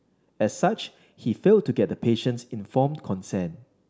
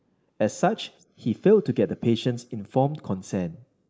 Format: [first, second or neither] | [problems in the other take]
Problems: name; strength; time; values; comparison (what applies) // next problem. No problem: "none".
first | noise reduction (neural mask model Resemble Enhance denoiser)